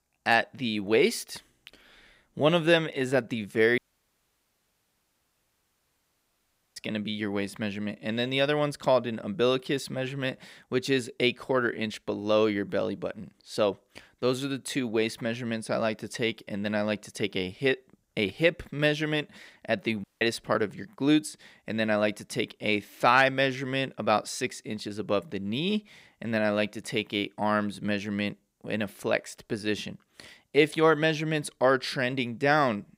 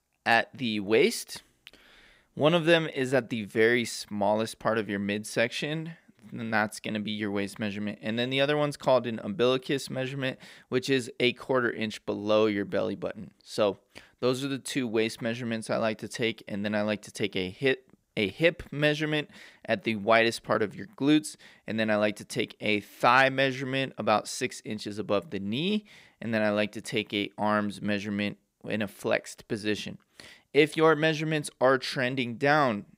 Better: second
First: audio cutting out; at 4 s for 3 s and at 20 s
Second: none

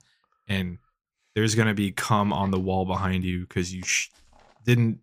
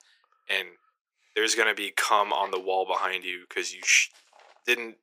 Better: first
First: none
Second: thin; very; fading below 400 Hz

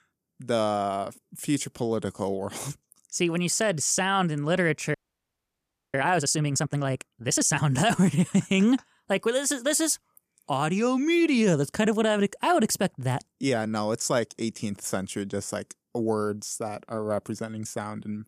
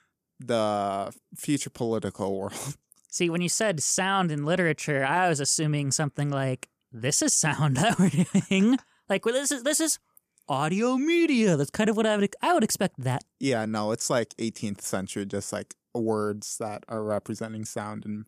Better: second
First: audio freezing; at 5 s for 1 s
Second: none

